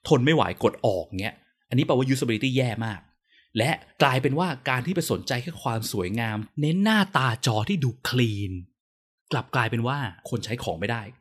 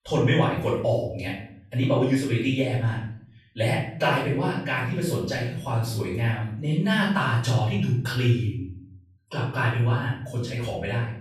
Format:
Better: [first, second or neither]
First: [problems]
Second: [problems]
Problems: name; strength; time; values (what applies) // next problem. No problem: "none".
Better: first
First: none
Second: off-mic speech; far // room echo; noticeable; dies away in 0.5 s